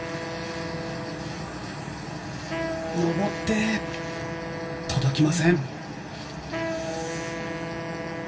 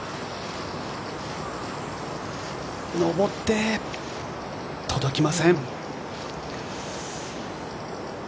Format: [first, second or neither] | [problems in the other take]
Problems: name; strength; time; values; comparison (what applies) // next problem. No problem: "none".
second | background sound (Wind instrument, woodwind instrument); 6 dB below the speech // room echo; dies away in 0.2 s